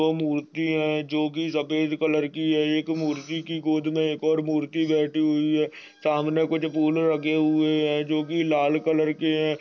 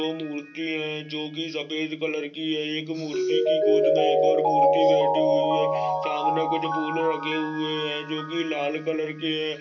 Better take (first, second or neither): first